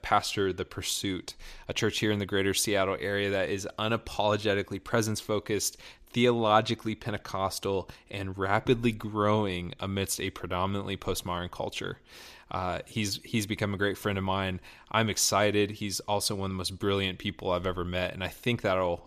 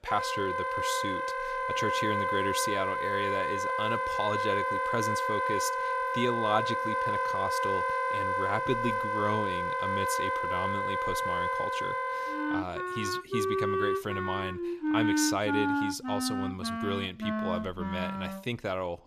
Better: first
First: none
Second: background music; very loud; throughout; 4 dB above the speech

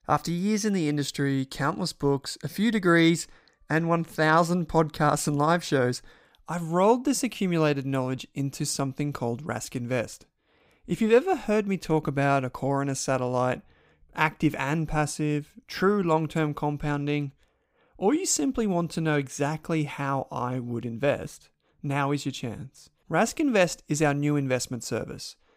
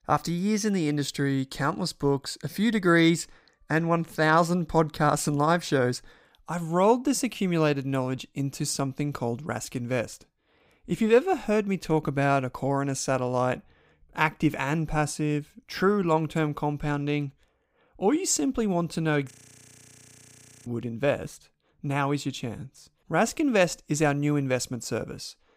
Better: first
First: none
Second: audio freezing; at 19 s for 1.5 s

